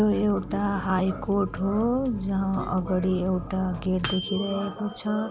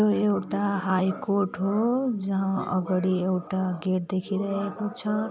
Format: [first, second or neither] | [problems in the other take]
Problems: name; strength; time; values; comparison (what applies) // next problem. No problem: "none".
second | background sound (Microwave oven); 12 dB below the speech